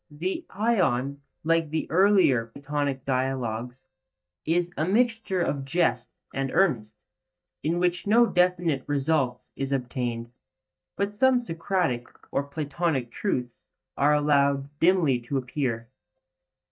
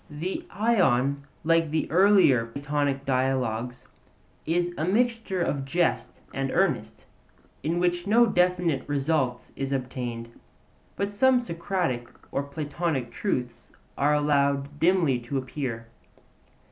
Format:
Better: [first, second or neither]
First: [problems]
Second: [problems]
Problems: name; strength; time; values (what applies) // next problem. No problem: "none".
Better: second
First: noise reduction (neural mask model DeepFilterNet 3)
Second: none